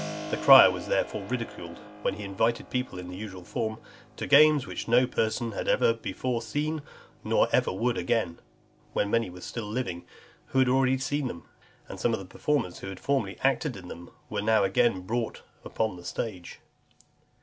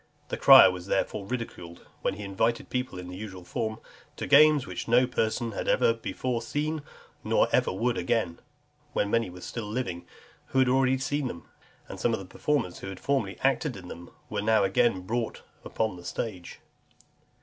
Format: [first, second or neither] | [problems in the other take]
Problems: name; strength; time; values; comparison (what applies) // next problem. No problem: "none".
second | background sound (Keyboard (musical)); 19 dB below the speech